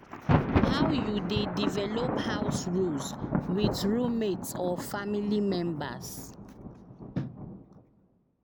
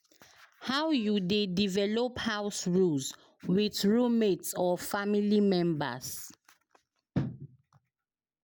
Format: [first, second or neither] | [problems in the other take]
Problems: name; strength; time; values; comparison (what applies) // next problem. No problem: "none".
second | background sound (Thunder); as loud as the speech